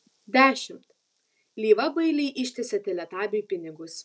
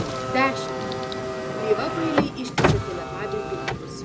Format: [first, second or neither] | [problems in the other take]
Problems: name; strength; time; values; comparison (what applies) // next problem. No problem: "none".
first | background sound (Car); 3 dB above the speech